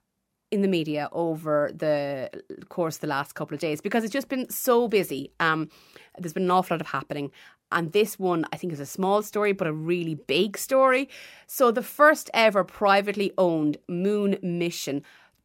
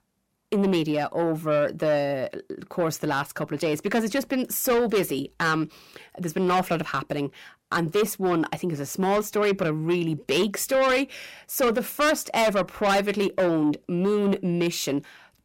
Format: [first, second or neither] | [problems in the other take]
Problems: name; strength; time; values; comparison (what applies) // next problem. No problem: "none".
first | distortion; heavy; 8 dB below the speech